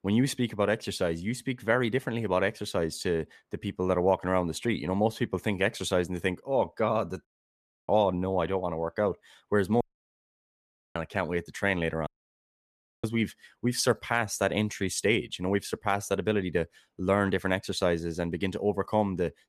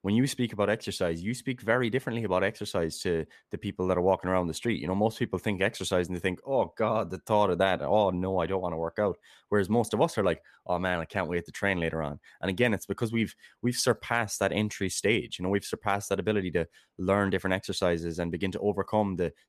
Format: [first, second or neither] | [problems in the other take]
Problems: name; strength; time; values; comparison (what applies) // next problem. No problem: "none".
second | audio cutting out; at 7.5 s for 0.5 s, at 10 s for 1 s and at 12 s for 1 s